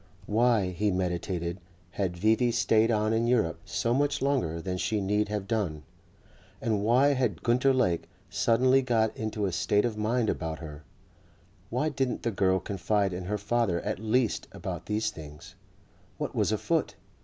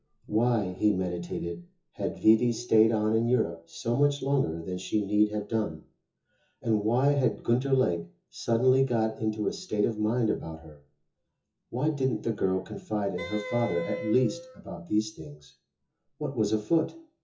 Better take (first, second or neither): first